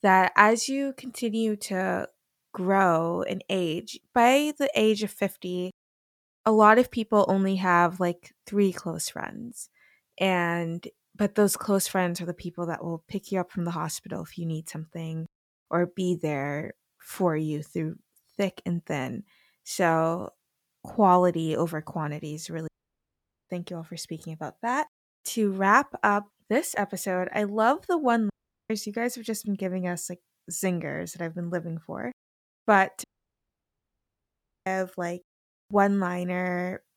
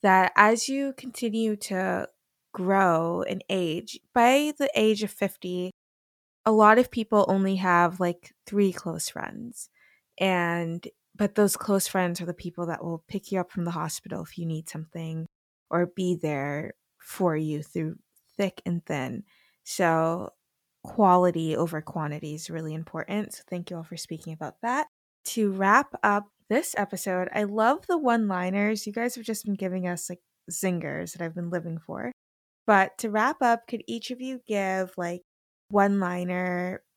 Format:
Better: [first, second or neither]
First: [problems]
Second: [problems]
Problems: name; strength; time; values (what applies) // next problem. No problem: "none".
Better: second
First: audio cutting out; at 23 s for 1 s, at 28 s and at 33 s for 1.5 s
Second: none